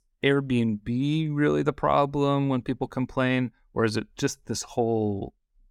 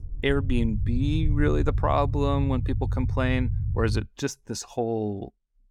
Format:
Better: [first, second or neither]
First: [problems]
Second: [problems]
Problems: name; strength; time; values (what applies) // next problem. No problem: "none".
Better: first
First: none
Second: low rumble; noticeable; until 4 s; 15 dB below the speech